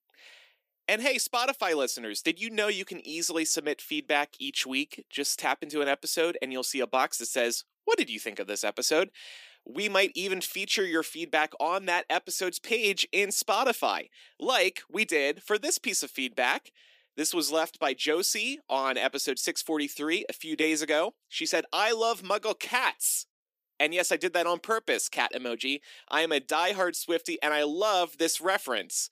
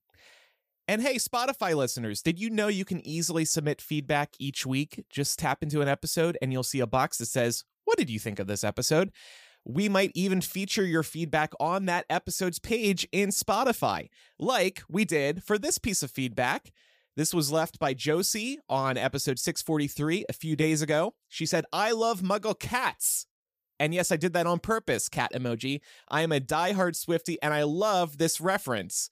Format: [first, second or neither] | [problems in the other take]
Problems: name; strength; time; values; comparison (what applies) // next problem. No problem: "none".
second | thin; somewhat; fading below 250 Hz